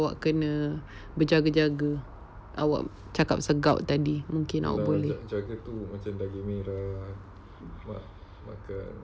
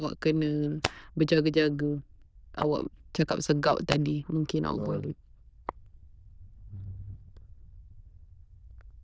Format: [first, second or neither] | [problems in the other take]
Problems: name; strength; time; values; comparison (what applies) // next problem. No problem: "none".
first | noise reduction (neural diffusion model UNIVERSE++)